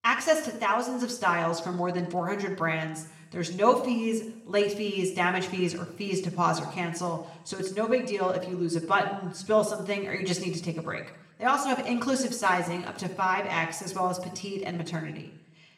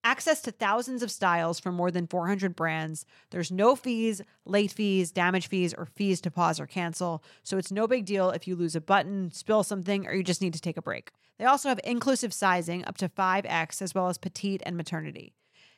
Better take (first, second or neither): second